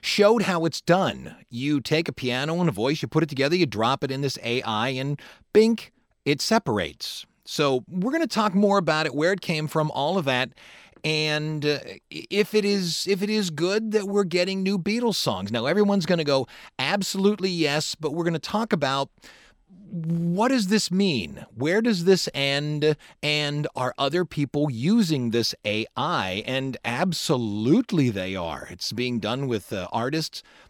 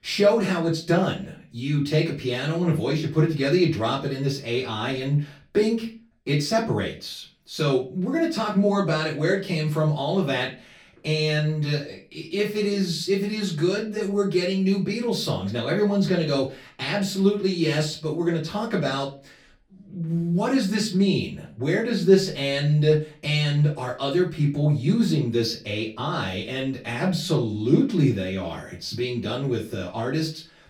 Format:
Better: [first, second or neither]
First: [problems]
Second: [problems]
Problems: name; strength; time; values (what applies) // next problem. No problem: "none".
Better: first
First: none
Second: off-mic speech; far // room echo; slight; dies away in 0.3 s